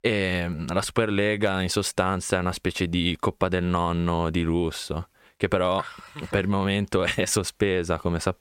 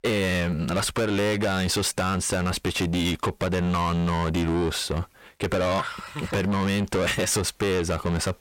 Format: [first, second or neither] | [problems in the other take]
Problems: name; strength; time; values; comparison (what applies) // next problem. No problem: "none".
first | distortion; heavy; 6 dB below the speech